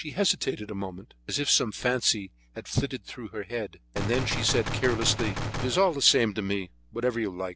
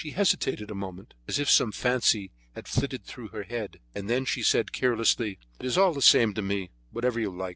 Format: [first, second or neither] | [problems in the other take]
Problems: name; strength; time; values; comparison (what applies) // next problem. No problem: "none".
second | background sound (Gunshot, gunfire); 4 dB below the speech